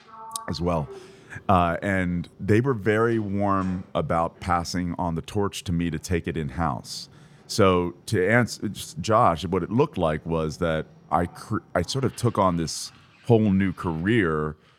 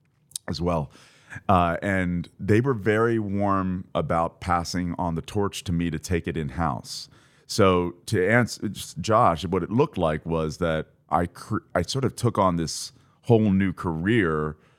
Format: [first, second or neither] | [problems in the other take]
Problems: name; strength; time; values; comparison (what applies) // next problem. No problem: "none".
second | household noises; faint; throughout; 25 dB below the speech